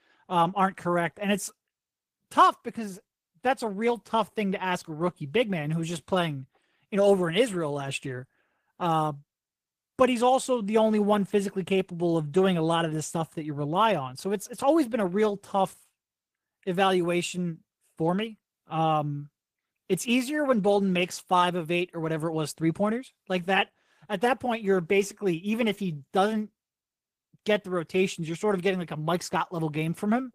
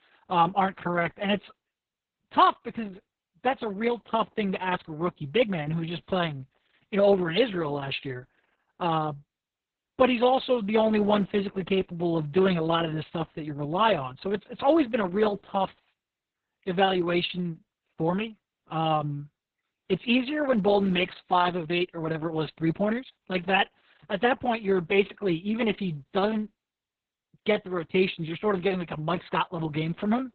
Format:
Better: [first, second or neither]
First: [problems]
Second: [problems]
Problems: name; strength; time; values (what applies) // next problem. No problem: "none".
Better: first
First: garbled, watery; slightly; nothing above 15 kHz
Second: garbled, watery; badly; nothing above 4 kHz